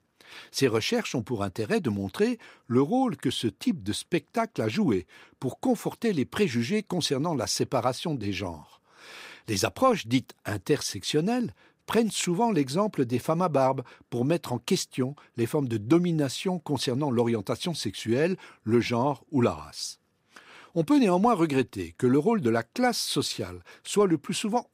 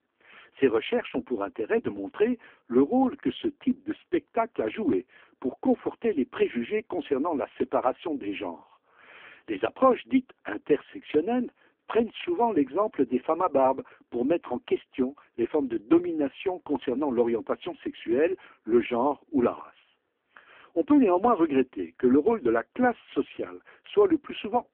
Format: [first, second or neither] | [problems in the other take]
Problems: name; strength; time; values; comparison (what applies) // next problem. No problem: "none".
first | phone-call audio; poor line; nothing above 3.5 kHz